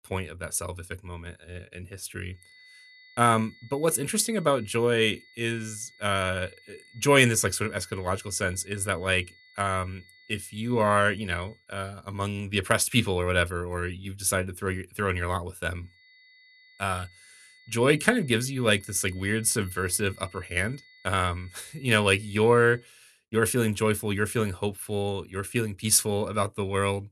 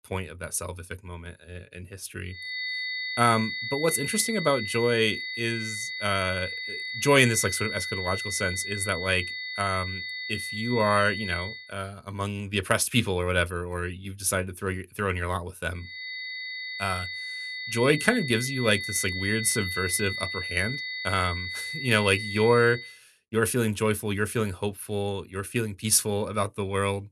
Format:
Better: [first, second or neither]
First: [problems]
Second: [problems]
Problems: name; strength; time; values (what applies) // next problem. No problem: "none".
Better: first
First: high-pitched whine; faint; from 2.5 to 12 s and from 16 to 23 s; 2 kHz, 25 dB below the speech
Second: high-pitched whine; loud; from 2.5 to 12 s and from 16 to 23 s; 2 kHz, 5 dB below the speech